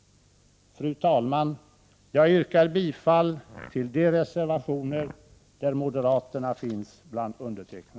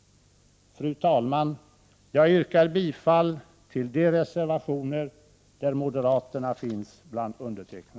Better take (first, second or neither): second